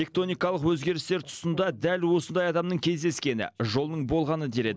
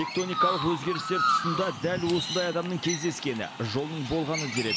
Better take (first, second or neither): first